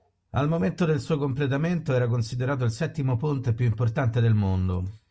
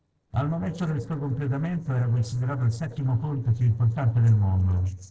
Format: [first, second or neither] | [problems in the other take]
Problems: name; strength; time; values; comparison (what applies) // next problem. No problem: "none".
first | noise reduction (neural separator model SepFormer DNS4)